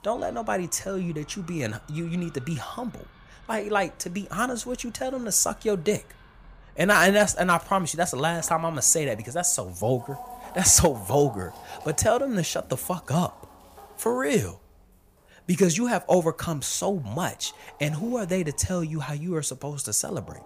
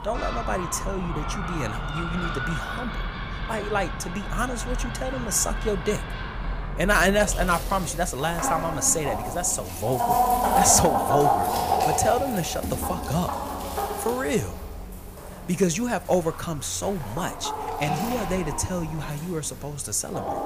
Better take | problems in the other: first | animal sounds; loud; throughout; 2 dB below the speech; faint in the first

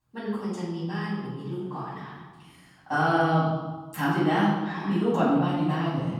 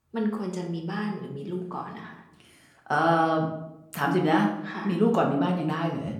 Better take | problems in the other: second | room echo; strong; dies away in 1.3 s; slight in the second // off-mic speech; far; somewhat distant in the second

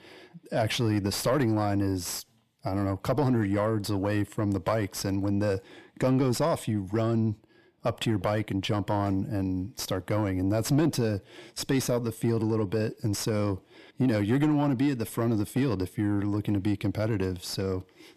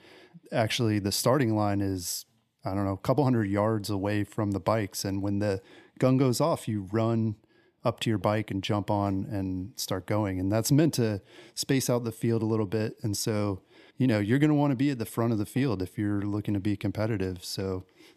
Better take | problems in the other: second | distortion; slight; 10 dB below the speech

